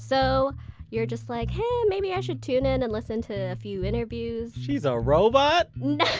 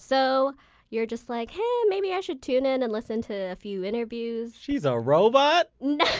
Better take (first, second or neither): second